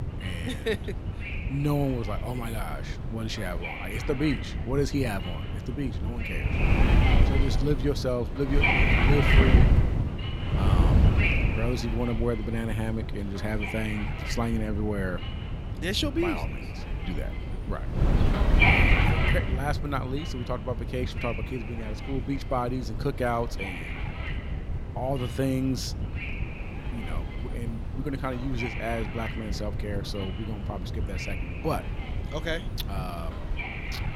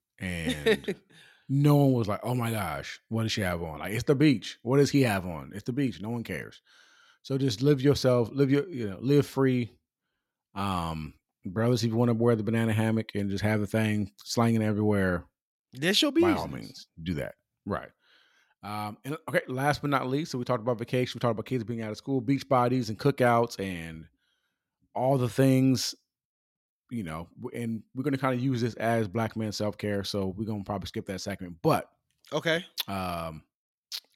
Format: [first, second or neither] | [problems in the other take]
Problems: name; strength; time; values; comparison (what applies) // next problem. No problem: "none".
second | wind noise on the microphone; heavy; 3 dB above the speech